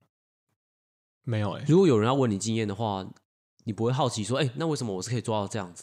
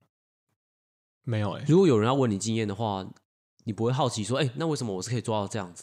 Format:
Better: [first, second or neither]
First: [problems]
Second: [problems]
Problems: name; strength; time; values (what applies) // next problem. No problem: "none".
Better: neither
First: none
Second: none